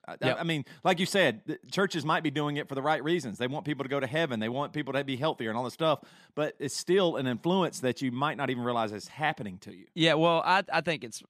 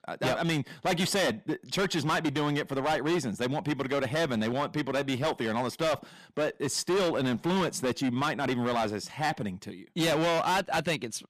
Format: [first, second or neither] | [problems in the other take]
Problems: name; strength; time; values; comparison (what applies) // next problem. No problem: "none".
first | distortion; heavy; 17% of the sound clipped